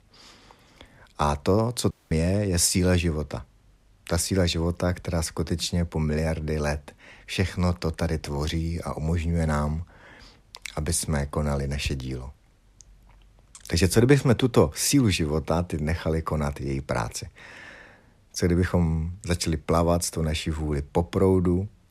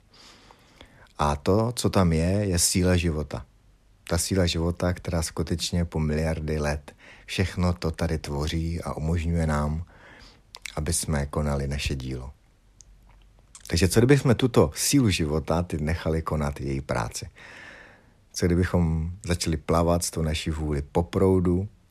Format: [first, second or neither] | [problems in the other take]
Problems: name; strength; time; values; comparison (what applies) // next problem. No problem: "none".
second | audio cutting out; at 2 s